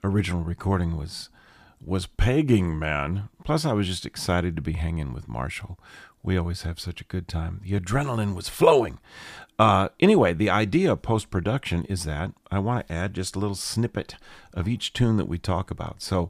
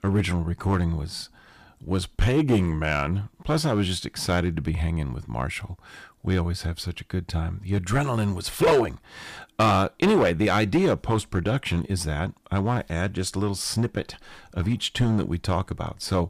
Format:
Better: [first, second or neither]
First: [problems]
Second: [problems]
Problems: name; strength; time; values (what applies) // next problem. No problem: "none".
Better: first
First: none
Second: distortion; slight; 4% of the sound clipped